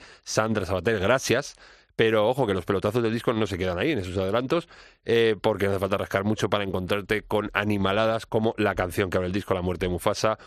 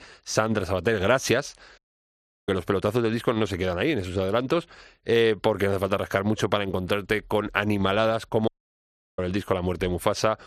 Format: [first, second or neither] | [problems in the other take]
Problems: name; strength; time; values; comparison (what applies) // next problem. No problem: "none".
first | audio cutting out; at 2 s for 0.5 s and at 8.5 s for 0.5 s